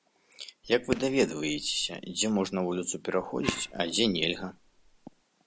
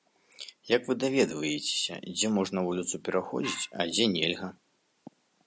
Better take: second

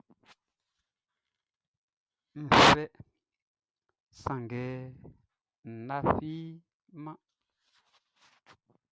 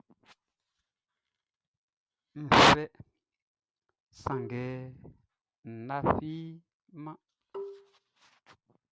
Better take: first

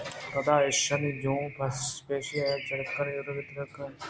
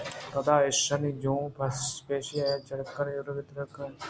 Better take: second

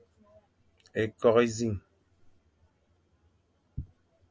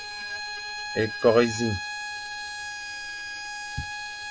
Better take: first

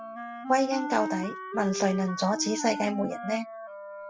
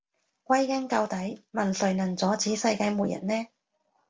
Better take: second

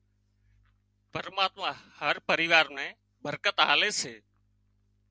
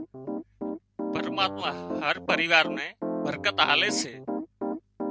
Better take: first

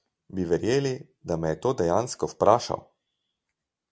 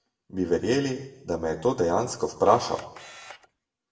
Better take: first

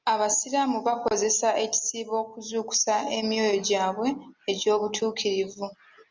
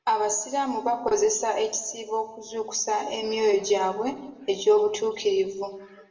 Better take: first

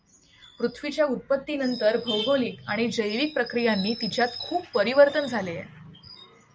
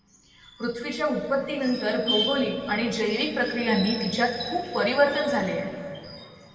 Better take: first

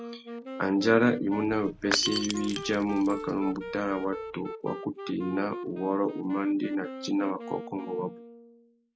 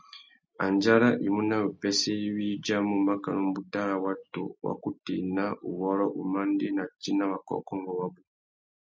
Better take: second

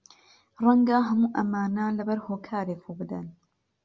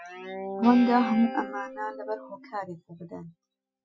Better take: first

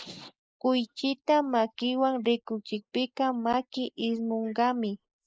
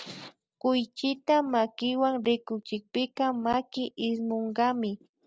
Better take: second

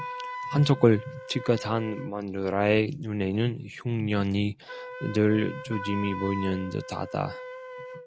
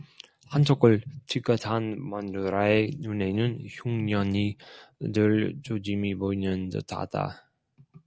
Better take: second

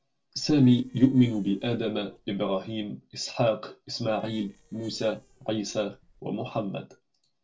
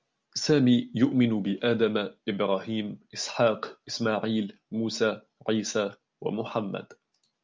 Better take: second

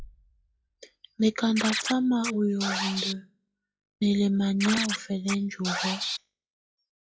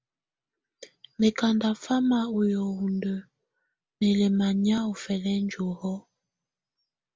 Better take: second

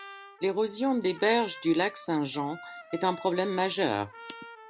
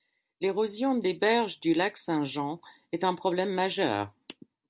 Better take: second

